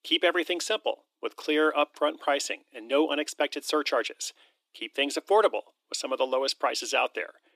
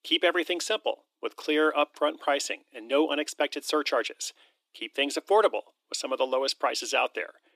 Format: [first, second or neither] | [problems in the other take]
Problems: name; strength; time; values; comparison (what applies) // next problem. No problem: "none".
neither | thin; somewhat; fading below 300 Hz; the same in both